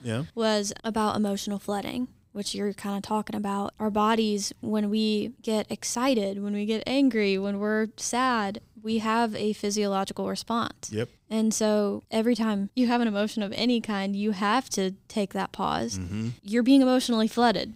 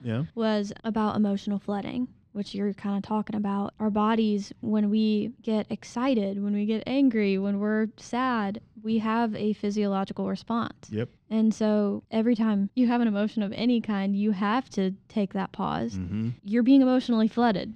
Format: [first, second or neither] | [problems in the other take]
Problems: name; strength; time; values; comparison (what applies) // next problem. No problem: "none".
first | muffled; slightly; fading above 3.5 kHz